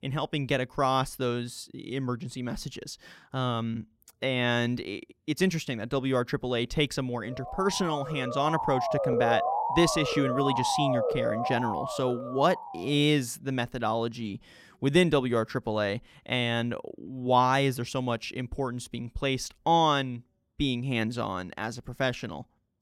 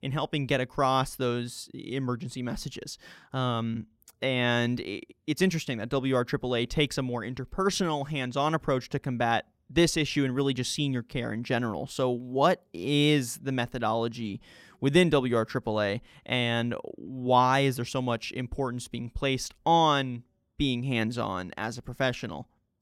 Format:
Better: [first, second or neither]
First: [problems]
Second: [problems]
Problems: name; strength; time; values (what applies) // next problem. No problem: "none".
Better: second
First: siren; loud; from 7.5 to 13 s; peak 2 dB above the speech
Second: none